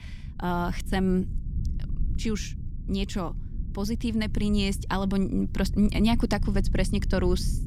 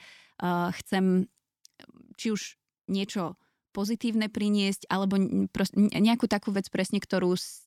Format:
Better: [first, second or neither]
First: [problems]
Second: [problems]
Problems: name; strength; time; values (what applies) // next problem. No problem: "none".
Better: second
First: low rumble; noticeable; throughout; 15 dB below the speech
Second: none